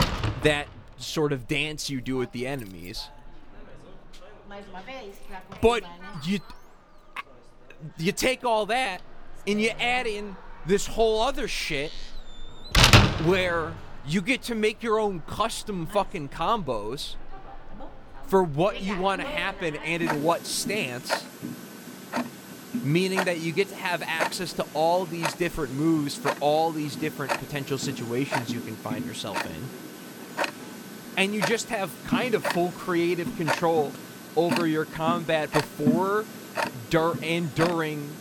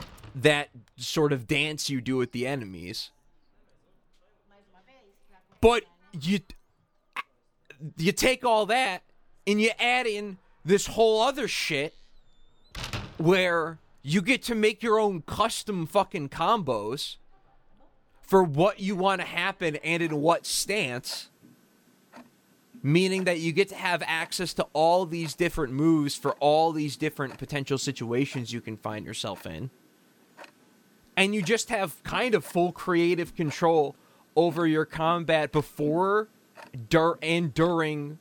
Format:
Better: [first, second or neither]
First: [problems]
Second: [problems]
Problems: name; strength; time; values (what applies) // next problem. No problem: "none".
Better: second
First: household noises; loud; throughout; 3 dB below the speech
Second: household noises; faint; throughout; 25 dB below the speech